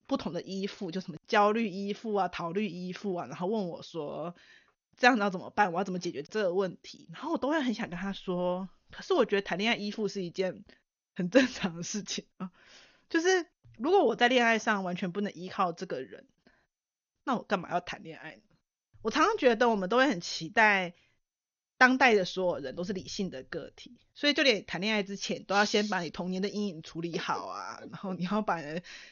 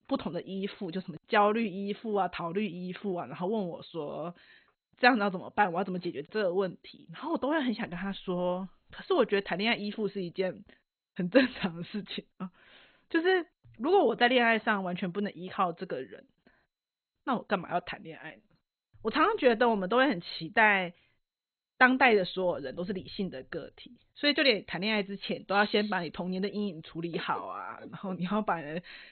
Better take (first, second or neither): first